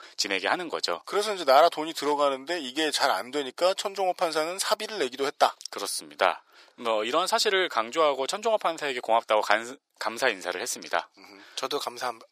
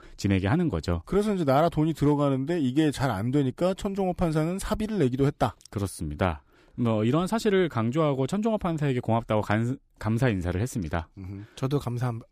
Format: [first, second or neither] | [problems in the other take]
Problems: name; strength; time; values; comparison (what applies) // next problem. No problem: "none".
second | thin; very; fading below 550 Hz